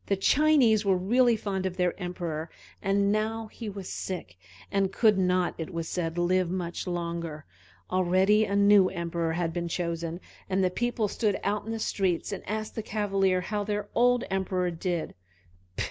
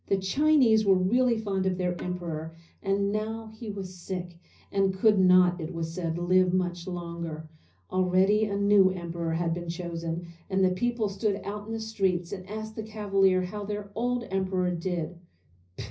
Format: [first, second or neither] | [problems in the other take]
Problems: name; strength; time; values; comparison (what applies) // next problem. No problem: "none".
first | background sound (Percussion); 20 dB below the speech // room echo; dies away in 0.5 s